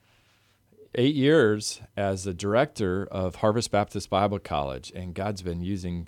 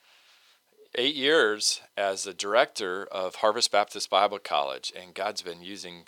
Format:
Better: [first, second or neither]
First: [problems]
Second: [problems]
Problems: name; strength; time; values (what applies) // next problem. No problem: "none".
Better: first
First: none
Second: thin; very; fading below 650 Hz